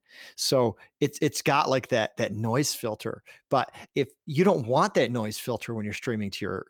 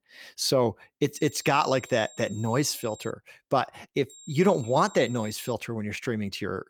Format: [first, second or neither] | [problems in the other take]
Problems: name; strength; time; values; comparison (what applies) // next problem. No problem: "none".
first | high-pitched whine; noticeable; from 1 to 3 s and from 4 to 5.5 s; 7.5 kHz, 20 dB below the speech